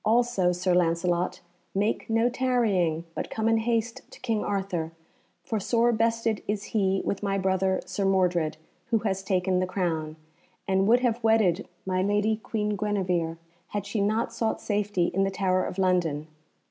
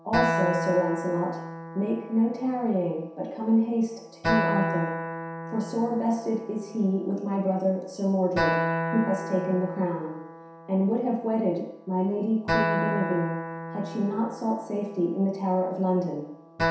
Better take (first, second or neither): first